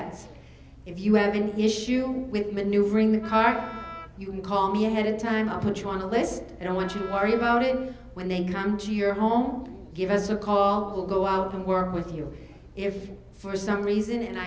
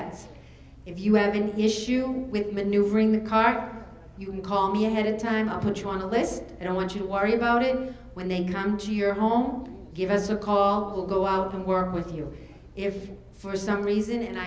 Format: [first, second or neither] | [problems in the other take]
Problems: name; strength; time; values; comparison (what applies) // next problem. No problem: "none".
second | background sound (Wind instrument, woodwind instrument); 15 dB below the speech